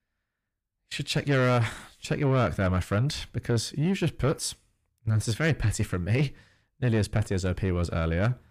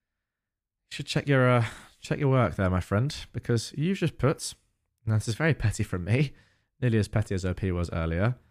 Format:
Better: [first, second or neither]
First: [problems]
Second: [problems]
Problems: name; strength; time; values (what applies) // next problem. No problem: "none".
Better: second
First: distortion; slight; 10 dB below the speech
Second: none